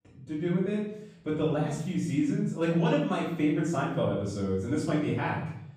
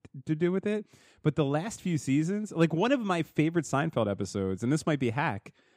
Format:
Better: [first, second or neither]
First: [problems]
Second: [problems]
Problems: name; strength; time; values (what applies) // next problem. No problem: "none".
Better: second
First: off-mic speech; far // room echo; noticeable; dies away in 0.7 s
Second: none